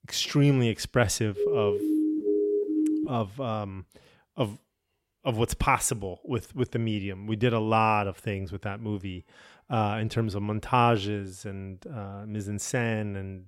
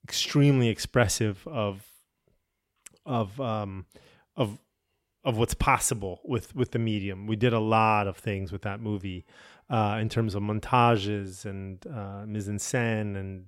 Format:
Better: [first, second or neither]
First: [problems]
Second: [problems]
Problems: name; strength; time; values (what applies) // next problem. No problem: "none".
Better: second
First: siren; loud; from 1.5 to 3 s; peak 2 dB above the speech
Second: none